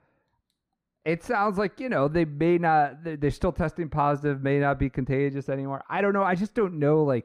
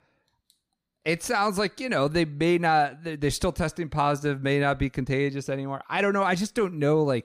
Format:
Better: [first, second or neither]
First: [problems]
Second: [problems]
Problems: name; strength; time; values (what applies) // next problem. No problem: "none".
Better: second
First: muffled; slightly; fading above 3 kHz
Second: none